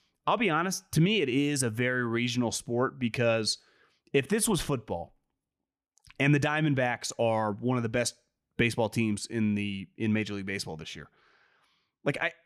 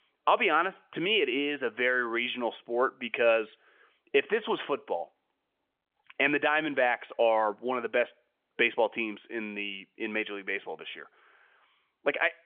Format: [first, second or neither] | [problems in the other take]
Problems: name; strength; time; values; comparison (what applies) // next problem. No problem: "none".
first | phone-call audio; nothing above 3 kHz